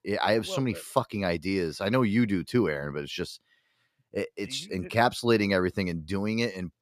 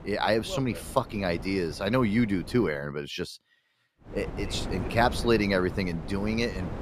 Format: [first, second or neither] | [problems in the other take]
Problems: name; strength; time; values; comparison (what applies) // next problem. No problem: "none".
first | wind noise on the microphone; occasional gusts; until 2.5 s and from 4 s on; 15 dB below the speech